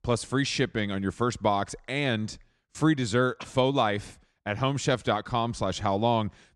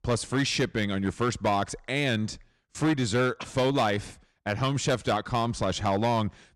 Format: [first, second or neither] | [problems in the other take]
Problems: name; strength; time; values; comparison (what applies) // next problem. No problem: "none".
first | distortion; slight; 8% of the sound clipped